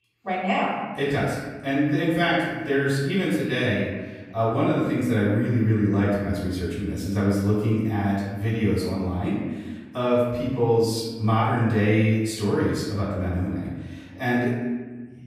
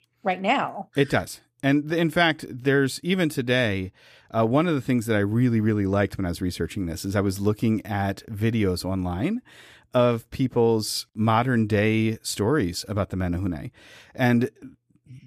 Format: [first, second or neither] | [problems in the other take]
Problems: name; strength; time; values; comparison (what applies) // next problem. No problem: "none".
second | room echo; noticeable; dies away in 1.2 s // off-mic speech; far